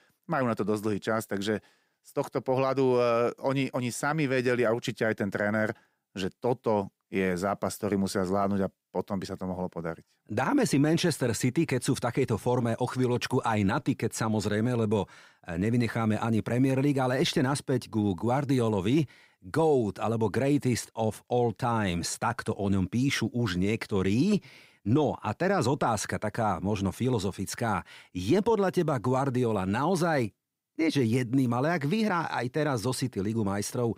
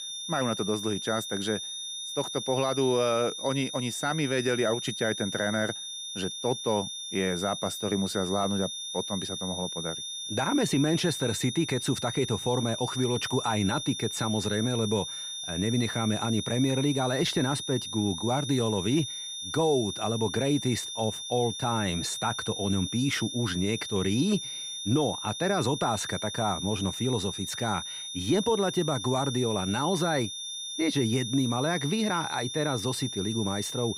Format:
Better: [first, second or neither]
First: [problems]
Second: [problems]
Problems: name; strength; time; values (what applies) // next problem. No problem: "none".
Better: first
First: none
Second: high-pitched whine; loud; throughout; 3.5 kHz, 5 dB below the speech